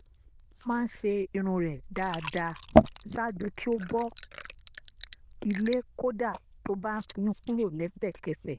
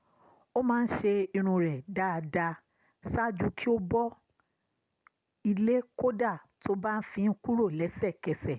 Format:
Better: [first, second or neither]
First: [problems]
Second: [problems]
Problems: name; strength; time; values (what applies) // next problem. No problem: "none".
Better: second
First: noise reduction (neural diffusion model UNIVERSE++)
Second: none